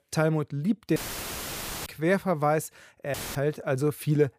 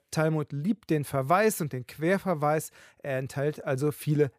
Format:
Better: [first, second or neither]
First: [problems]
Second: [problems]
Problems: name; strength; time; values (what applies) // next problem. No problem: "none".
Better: second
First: audio cutting out; filled with static; at 1 s for 1 s and at 3 s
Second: none